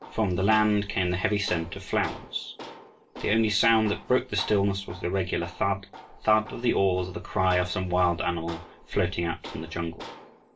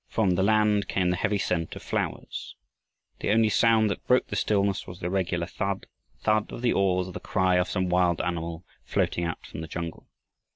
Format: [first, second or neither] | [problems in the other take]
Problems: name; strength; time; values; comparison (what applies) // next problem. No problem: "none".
second | background sound (Tools); 18 dB below the speech // room echo; dies away in 0.2 s